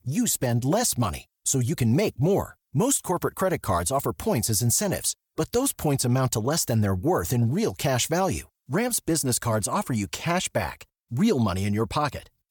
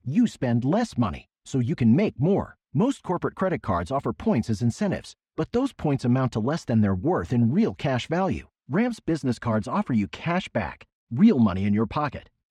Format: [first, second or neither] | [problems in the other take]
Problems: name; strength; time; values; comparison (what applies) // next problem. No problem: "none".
first | muffled; very; fading above 2.5 kHz